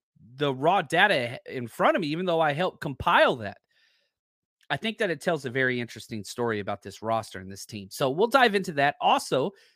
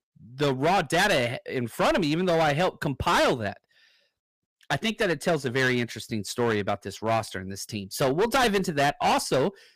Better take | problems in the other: first | distortion; heavy; 14% of the sound clipped

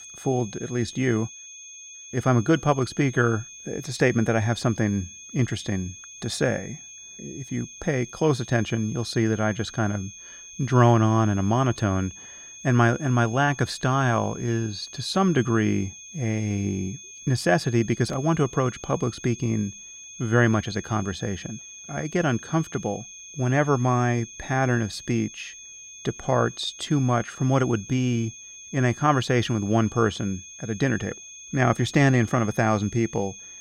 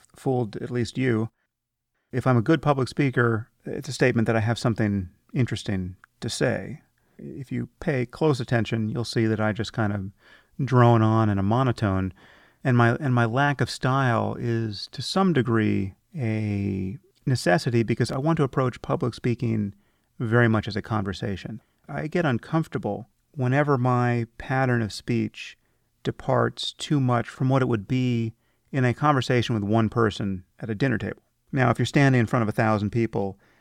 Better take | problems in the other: second | high-pitched whine; noticeable; throughout; 6.5 kHz, 15 dB below the speech

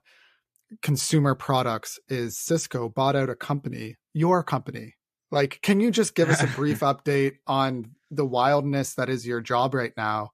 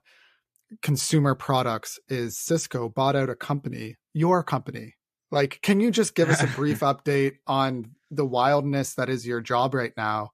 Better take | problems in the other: neither | none

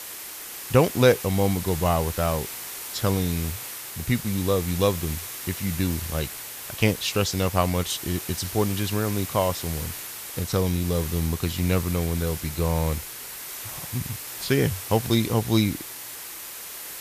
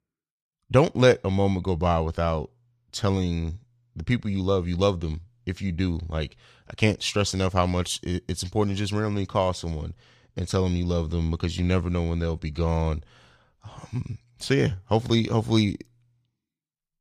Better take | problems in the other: second | hiss; loud; throughout; 8 dB below the speech

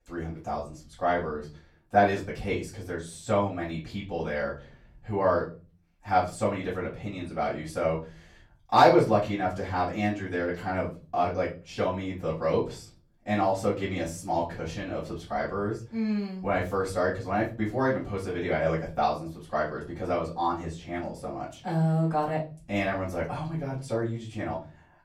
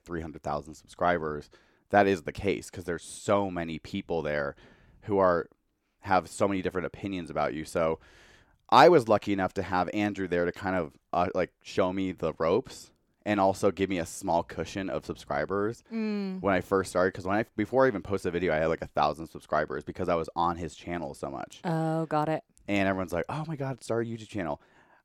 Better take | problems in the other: second | off-mic speech; far // room echo; slight; dies away in 0.4 s

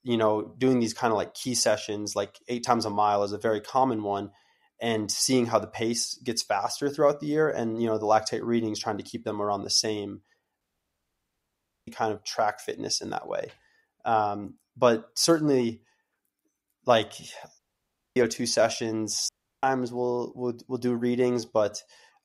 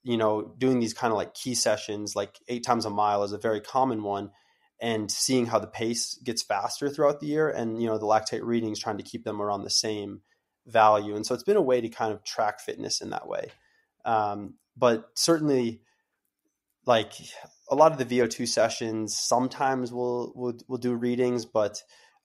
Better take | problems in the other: second | audio cutting out; at 11 s for 1.5 s, at 18 s for 0.5 s and at 19 s

